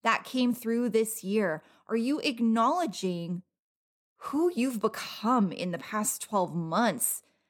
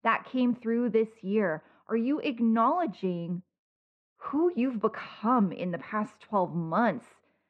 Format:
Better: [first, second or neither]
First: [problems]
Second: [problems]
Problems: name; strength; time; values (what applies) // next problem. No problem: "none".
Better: first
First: none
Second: muffled; very; fading above 2.5 kHz